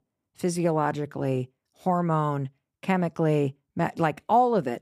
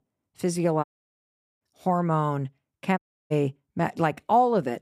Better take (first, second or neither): first